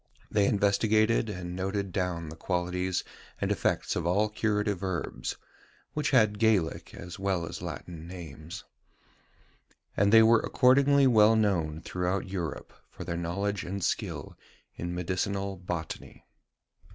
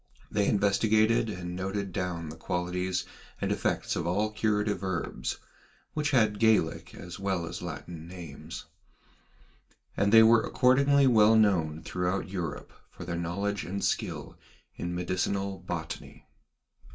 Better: first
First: none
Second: room echo; dies away in 0.2 s

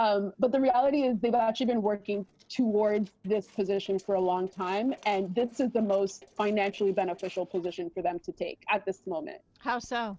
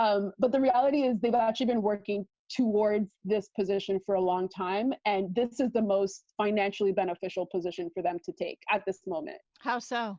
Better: second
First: noise reduction (neural separator model SepFormer DNS4)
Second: none

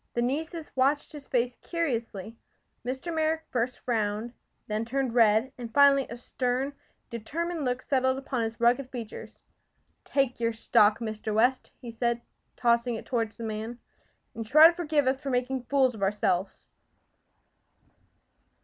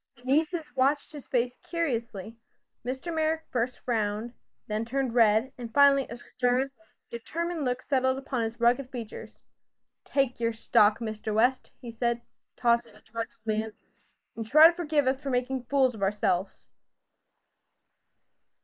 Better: first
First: none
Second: noise reduction (neural mask model Resemble Enhance denoiser)

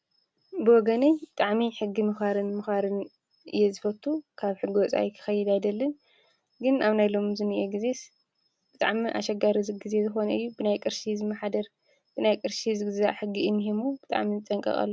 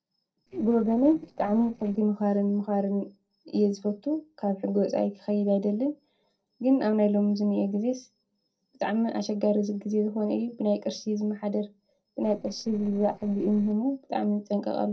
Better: first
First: none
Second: noise reduction (neural separator model SepFormer DNS4)

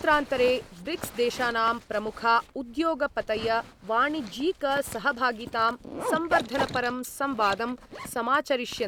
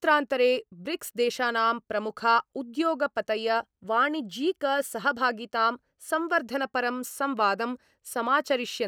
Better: second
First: background sound (Zipper (clothing)); 11 dB below the speech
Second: none

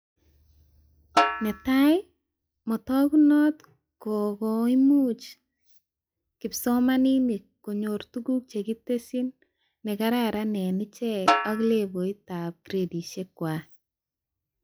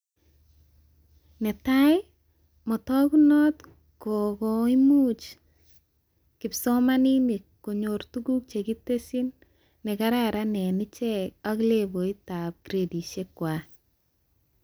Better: second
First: noise reduction (classical method log-MMSE)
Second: none

